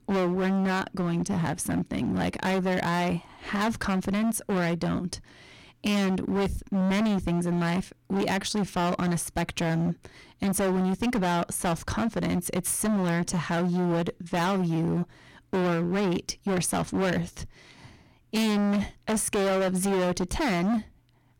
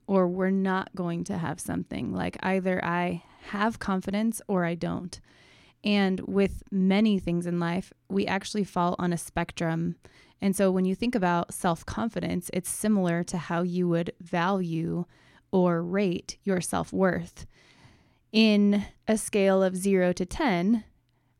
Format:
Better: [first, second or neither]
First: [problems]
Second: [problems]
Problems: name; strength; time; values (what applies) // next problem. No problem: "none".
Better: second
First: distortion; heavy; 25% of the sound clipped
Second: none